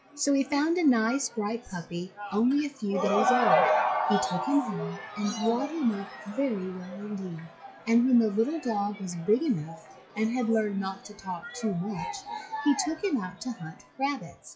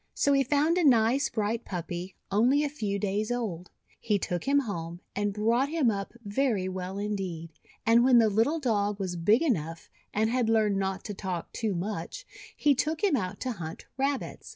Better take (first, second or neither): second